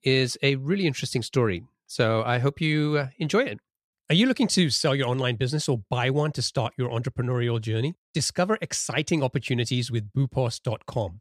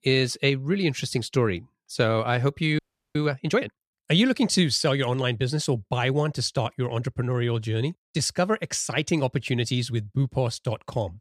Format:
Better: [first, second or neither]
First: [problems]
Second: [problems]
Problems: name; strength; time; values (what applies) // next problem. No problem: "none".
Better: first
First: none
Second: audio freezing; at 3 s